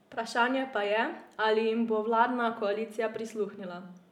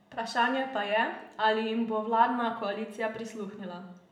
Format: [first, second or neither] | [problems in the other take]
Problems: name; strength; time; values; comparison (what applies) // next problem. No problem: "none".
first | room echo; dies away in 0.7 s